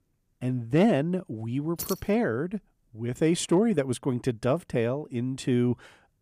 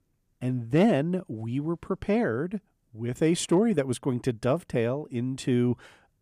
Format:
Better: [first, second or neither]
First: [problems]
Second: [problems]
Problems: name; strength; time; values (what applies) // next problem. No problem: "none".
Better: second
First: jangling keys; noticeable; at 2 s; peak 8 dB below the speech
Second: none